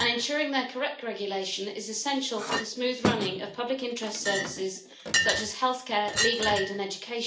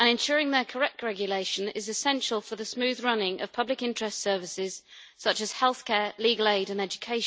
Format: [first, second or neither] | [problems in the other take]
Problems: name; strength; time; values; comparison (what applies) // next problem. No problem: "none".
second | background sound (Chink, clink); 4 dB below the speech // room echo; dies away in 0.4 s